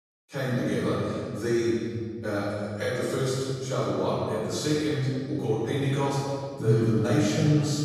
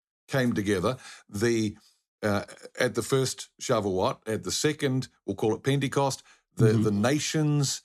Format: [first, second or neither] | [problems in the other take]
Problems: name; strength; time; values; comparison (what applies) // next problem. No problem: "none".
second | off-mic speech; far // room echo; strong; dies away in 1.8 s